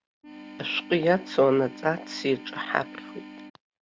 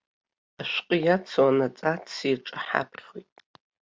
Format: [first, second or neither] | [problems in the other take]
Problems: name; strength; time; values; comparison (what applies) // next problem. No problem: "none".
second | background sound (Organ); 15 dB below the speech